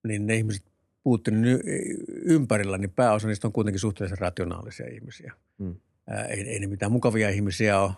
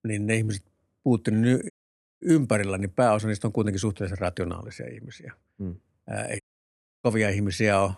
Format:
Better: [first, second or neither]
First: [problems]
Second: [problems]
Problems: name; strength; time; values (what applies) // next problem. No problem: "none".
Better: first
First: none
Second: audio cutting out; at 1.5 s for 0.5 s and at 6.5 s for 0.5 s